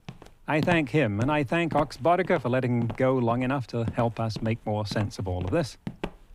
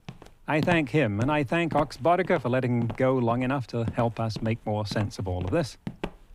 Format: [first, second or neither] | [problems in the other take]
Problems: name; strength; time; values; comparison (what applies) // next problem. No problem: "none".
neither | footsteps; noticeable; peak 7 dB below the speech; the same in both